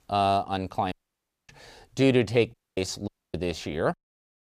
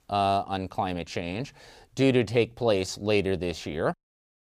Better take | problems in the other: second | audio cutting out; at 1 s for 0.5 s, at 2.5 s and at 3 s

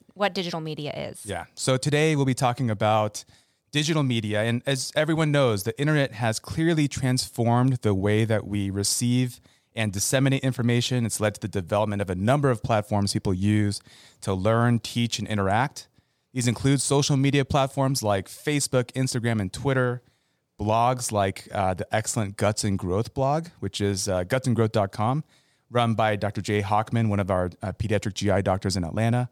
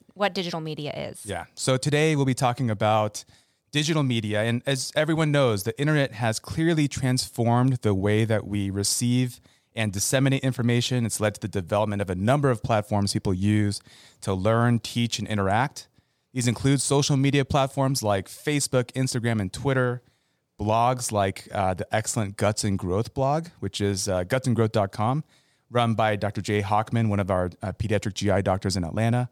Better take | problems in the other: neither | none

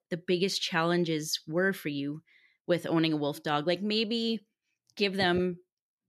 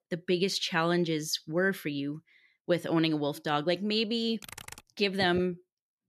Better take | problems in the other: first | keyboard typing; faint; at 4.5 s; peak 15 dB below the speech

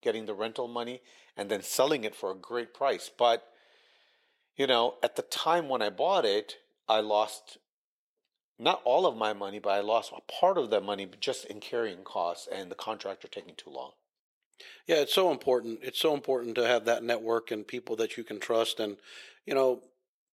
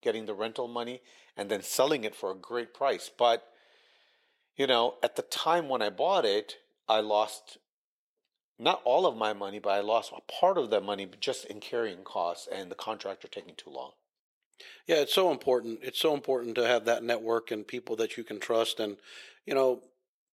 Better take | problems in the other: neither | thin; somewhat; fading below 450 Hz; the same in both

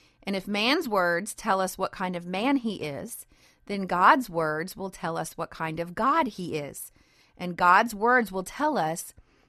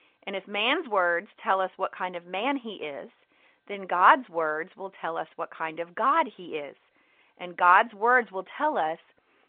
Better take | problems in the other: first | phone-call audio; nothing above 3.5 kHz

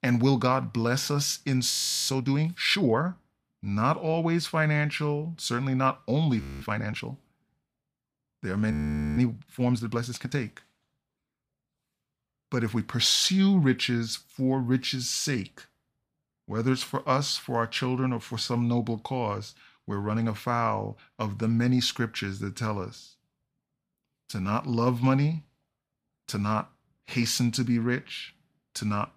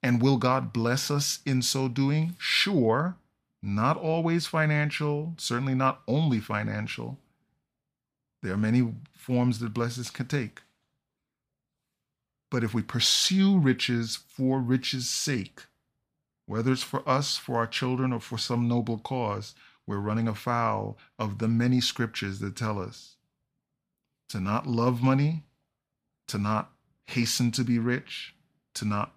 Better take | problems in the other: second | audio freezing; at 1.5 s, at 6.5 s and at 8.5 s

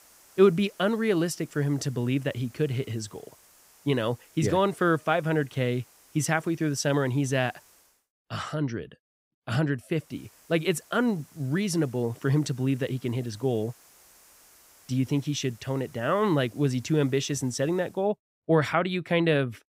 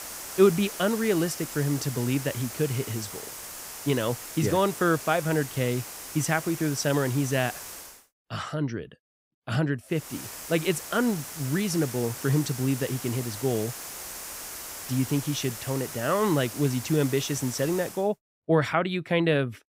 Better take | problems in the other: first | hiss; loud; until 8 s and from 10 to 18 s; 10 dB below the speech; faint in the first

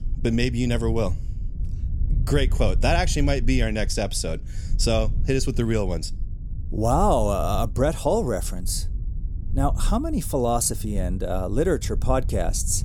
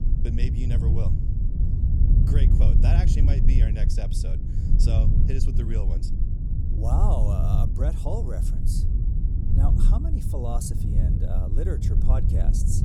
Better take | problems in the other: first | low rumble; loud; throughout; 1 dB below the speech; faint in the first

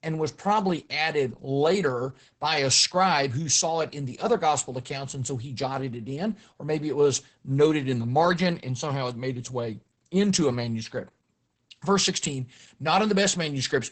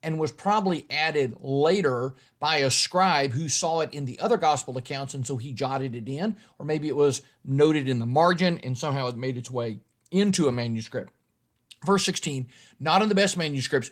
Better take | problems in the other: second | garbled, watery; badly; nothing above 8 kHz; slightly in the second

